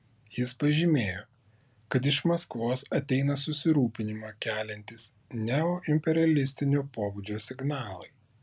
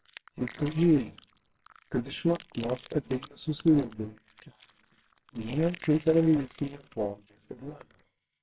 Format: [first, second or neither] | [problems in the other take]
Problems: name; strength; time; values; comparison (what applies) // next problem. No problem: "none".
first | noise reduction (neural separator model SepFormer WHAMR!)